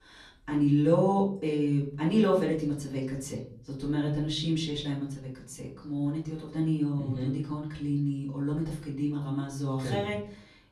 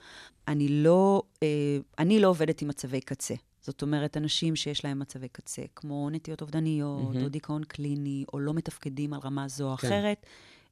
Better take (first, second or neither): second